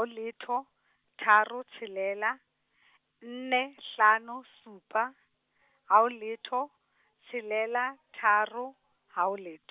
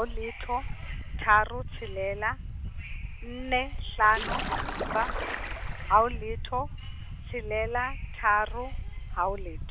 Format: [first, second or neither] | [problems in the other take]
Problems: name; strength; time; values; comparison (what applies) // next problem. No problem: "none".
first | background sound (Subway, metro, underground / Wind + Splash, splatter); 4 dB below the speech